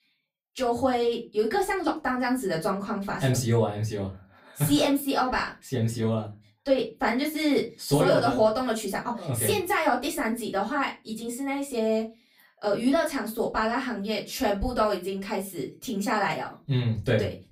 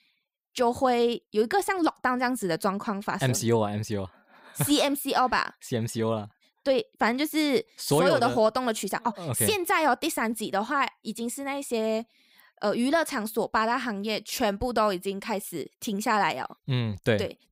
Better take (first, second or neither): second